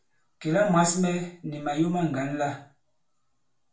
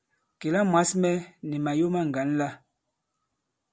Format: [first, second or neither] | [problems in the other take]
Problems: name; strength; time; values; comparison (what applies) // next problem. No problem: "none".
second | room echo; dies away in 0.4 s